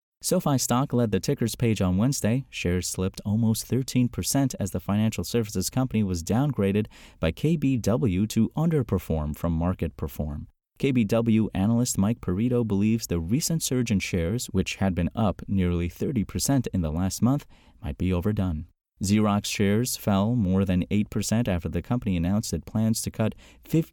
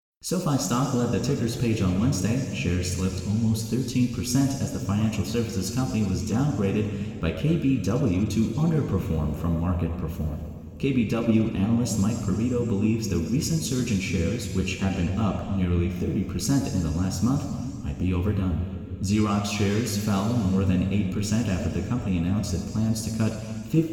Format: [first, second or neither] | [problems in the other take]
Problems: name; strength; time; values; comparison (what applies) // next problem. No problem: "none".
first | room echo; noticeable; dies away in 2.5 s // off-mic speech; somewhat distant